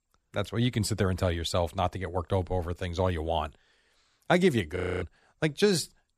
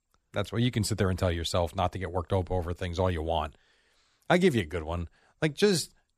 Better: second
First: audio freezing; at 5 s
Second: none

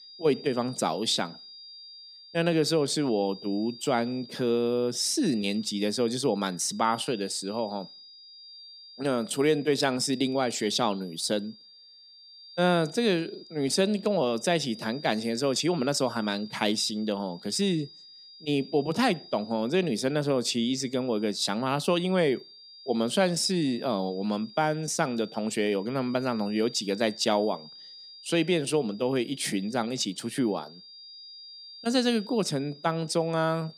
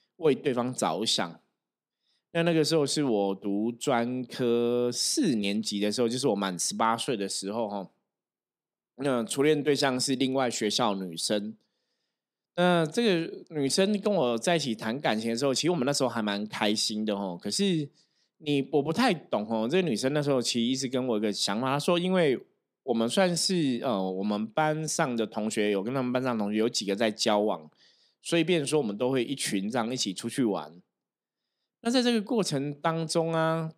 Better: second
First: high-pitched whine; noticeable; throughout; 5 kHz, 20 dB below the speech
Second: none

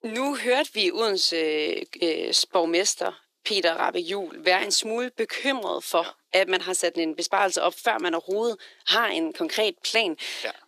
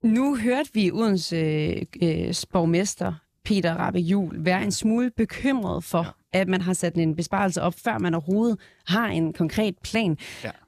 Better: second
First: thin; very; fading below 350 Hz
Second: none

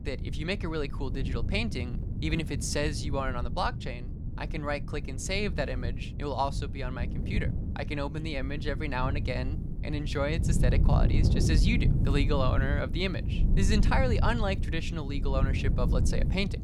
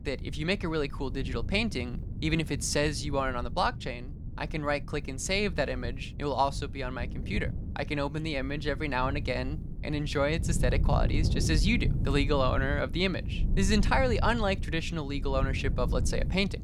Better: second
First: wind noise on the microphone; heavy; 10 dB below the speech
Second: wind noise on the microphone; occasional gusts; 15 dB below the speech

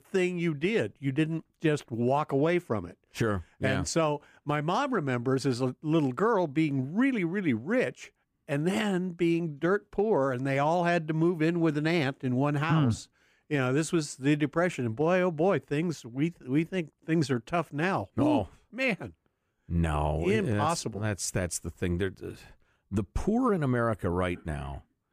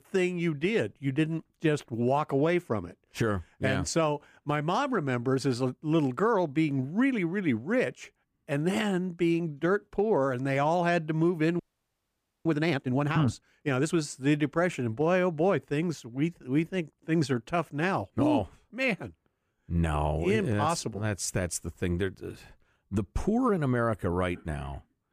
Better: first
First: none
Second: audio freezing; at 12 s for 1 s

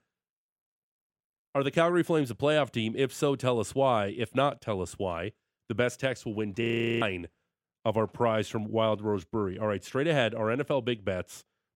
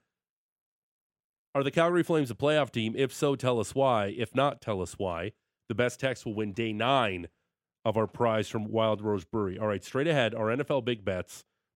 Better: second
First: audio freezing; at 6.5 s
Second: none

